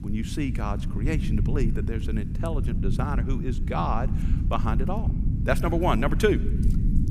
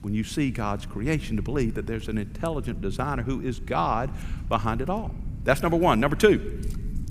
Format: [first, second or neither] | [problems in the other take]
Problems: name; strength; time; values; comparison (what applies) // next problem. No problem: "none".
second | low rumble; loud; throughout; 10 dB below the speech; faint in the second